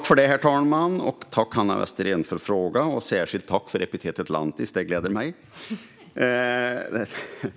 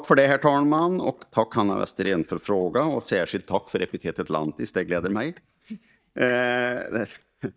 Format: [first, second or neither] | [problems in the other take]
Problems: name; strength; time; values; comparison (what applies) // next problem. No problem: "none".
first | noise reduction (neural mask model DeepFilterNet 3)